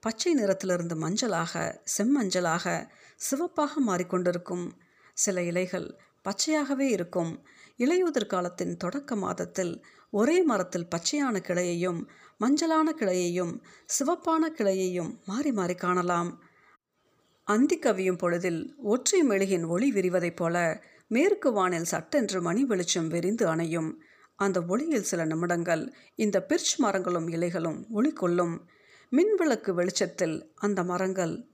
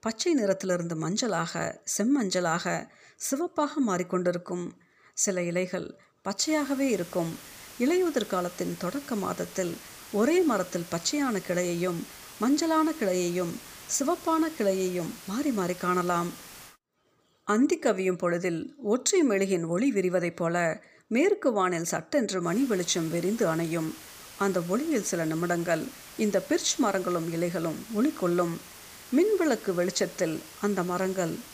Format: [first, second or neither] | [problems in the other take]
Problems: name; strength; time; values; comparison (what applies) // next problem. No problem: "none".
first | hiss; noticeable; from 6.5 to 17 s and from 22 s on; 15 dB below the speech